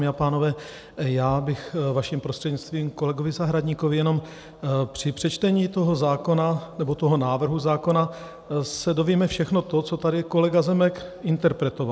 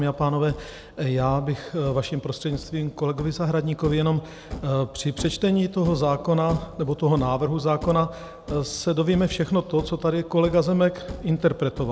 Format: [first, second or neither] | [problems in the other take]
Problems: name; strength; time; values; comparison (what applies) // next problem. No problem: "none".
first | background sound (Thump, thud); 16 dB below the speech